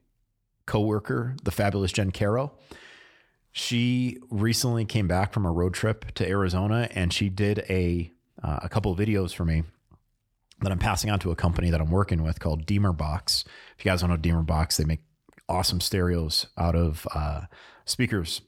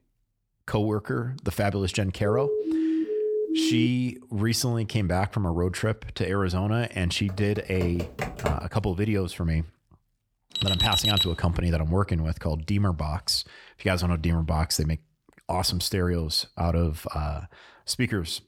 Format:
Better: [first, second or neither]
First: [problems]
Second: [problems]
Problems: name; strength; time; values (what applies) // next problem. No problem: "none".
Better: first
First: none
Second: siren; loud; from 2 to 4 s; peak 2 dB above the speech // keyboard typing; noticeable; from 7.5 to 8.5 s; peak 3 dB below the speech // alarm; loud; at 11 s; peak 5 dB above the speech